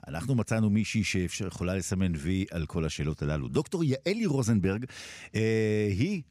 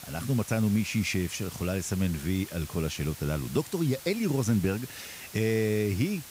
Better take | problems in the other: first | hiss; noticeable; throughout; 15 dB below the speech

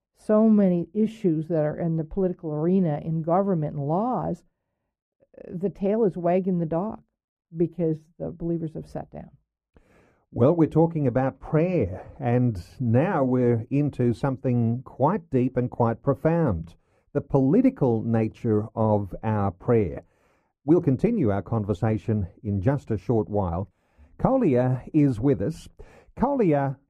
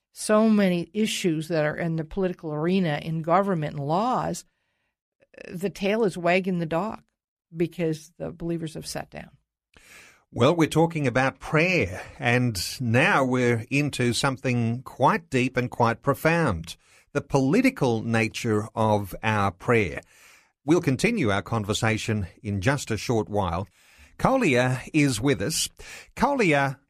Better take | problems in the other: second | muffled; very; fading above 1.5 kHz

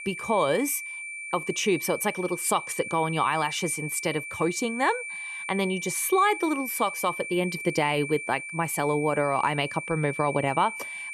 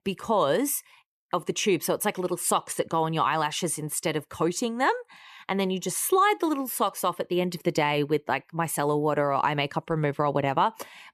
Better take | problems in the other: second | high-pitched whine; loud; throughout; 2.5 kHz, 7 dB below the speech

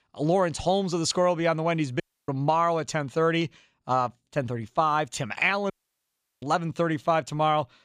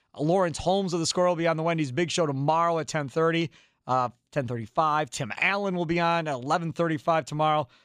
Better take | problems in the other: second | audio cutting out; at 2 s and at 5.5 s for 0.5 s

